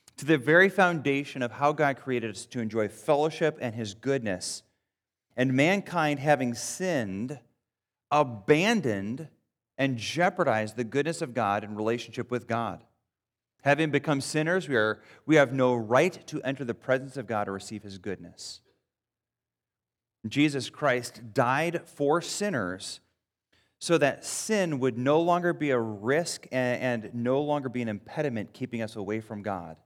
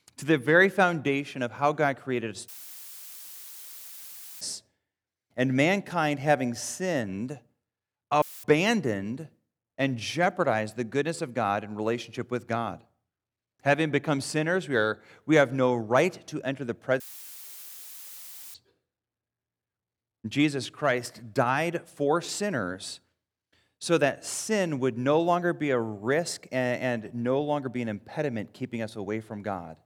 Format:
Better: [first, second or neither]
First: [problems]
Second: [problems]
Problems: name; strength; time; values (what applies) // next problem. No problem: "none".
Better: first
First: none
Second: audio cutting out; filled with static; at 2.5 s for 2 s, at 8 s and at 17 s for 1.5 s